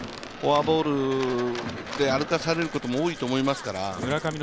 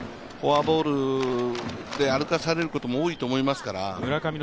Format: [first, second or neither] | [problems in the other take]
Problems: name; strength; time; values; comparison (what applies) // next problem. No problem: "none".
second | background sound (Coin (dropping)); 17 dB below the speech